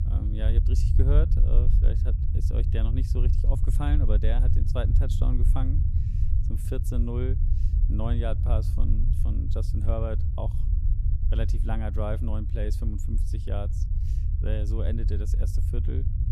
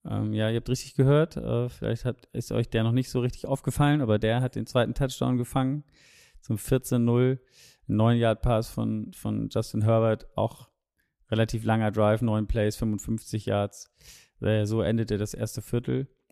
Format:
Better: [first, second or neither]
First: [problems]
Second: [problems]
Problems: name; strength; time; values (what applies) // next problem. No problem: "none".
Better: second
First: low rumble; loud; throughout; 6 dB below the speech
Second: none